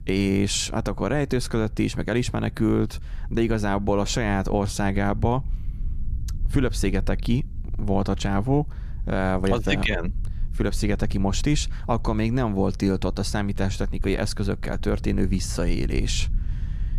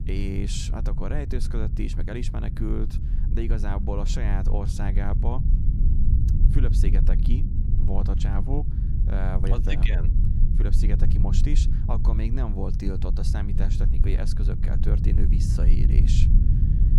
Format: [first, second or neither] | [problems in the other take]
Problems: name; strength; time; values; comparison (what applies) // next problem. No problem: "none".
first | low rumble; loud; throughout; 4 dB below the speech; faint in the first